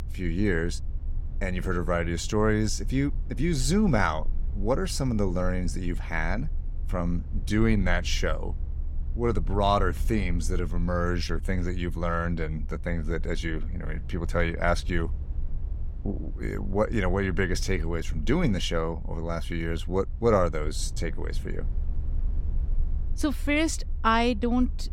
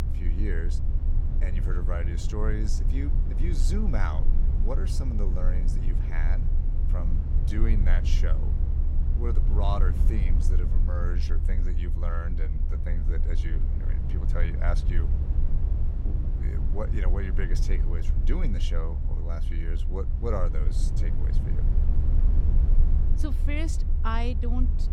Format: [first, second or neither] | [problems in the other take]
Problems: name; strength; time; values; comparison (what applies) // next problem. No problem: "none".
first | low rumble; loud; throughout; 6 dB below the speech; faint in the first